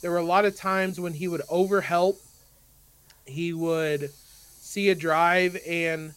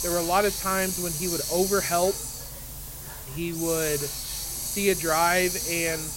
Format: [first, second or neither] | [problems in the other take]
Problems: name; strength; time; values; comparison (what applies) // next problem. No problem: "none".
first | hiss; loud; throughout; 3 dB below the speech; faint in the first